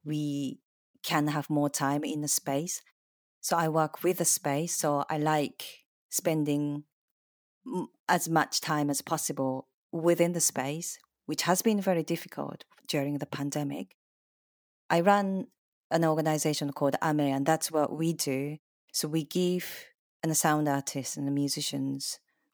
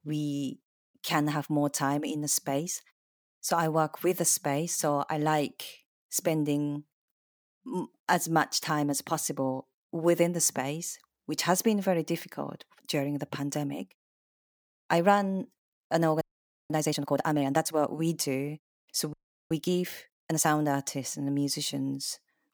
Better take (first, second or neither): first